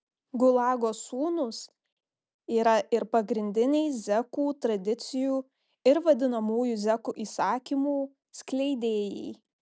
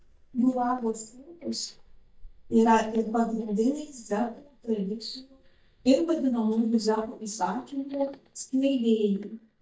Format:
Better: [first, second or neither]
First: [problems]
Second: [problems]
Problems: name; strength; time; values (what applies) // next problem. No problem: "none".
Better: first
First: none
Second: noise reduction (neural mask model DeepFilterNet 3)